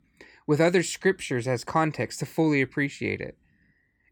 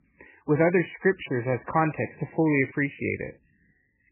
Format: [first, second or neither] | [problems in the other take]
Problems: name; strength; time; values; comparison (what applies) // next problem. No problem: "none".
first | garbled, watery; badly; nothing above 2.5 kHz